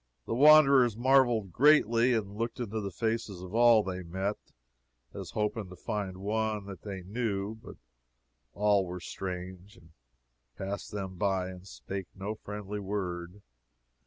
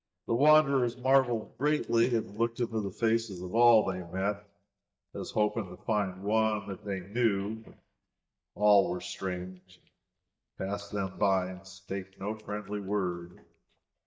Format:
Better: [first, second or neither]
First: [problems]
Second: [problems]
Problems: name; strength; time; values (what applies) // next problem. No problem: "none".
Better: first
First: none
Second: noise reduction (neural mask model DeepFilterNet 3)